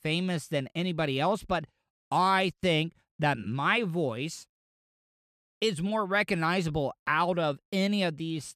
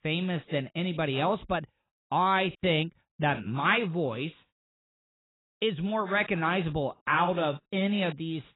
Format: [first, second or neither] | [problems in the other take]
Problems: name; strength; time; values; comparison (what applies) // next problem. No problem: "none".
first | garbled, watery; badly; nothing above 4 kHz